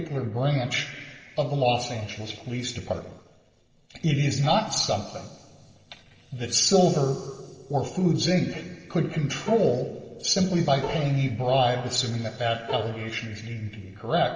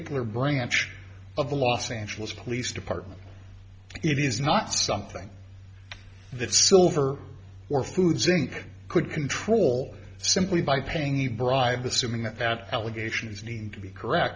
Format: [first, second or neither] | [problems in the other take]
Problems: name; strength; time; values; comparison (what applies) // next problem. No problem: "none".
second | noise reduction (neural separator model SepFormer DNS4)